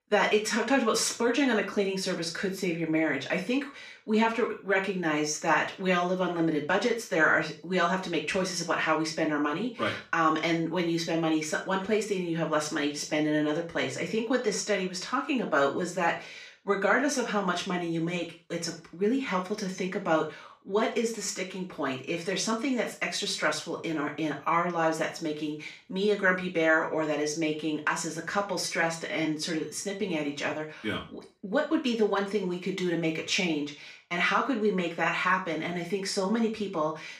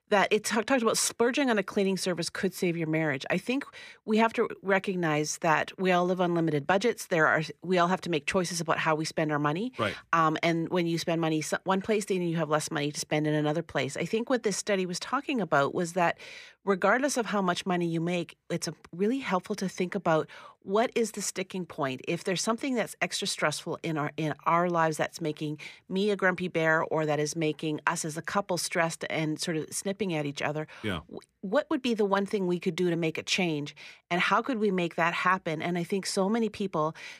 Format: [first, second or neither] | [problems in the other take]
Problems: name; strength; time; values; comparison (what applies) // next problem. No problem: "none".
second | room echo; slight; dies away in 0.3 s // off-mic speech; far